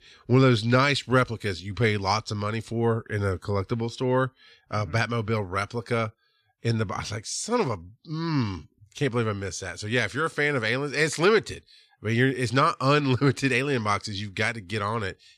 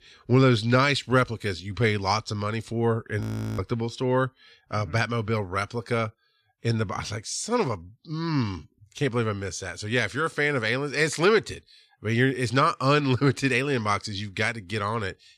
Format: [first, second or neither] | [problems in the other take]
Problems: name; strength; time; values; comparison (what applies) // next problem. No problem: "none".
first | audio freezing; at 3 s